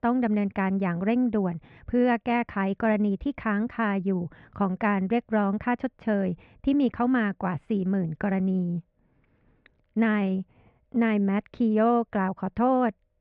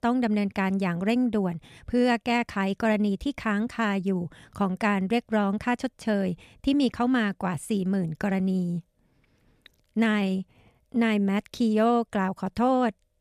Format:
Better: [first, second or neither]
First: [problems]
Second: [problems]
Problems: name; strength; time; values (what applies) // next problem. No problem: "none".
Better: second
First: muffled; very; fading above 2 kHz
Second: none